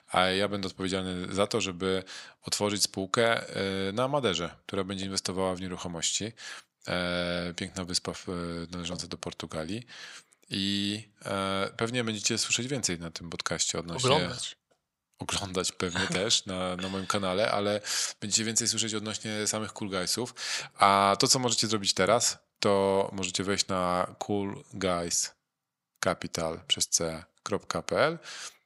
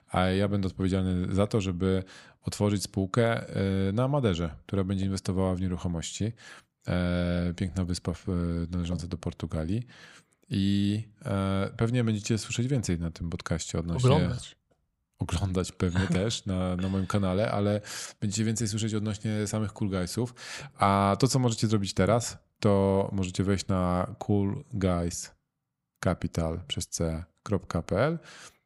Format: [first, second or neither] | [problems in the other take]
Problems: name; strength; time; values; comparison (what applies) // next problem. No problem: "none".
second | thin; somewhat; fading below 650 Hz